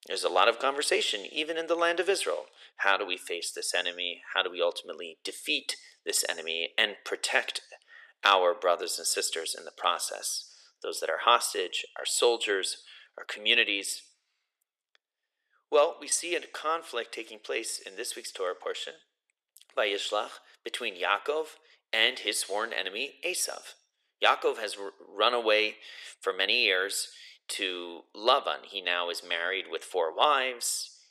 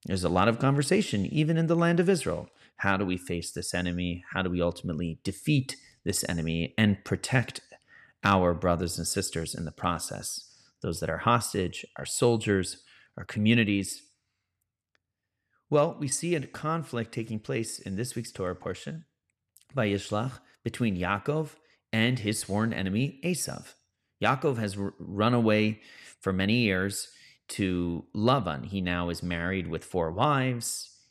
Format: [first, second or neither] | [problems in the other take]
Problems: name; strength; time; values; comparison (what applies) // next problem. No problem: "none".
second | thin; very; fading below 400 Hz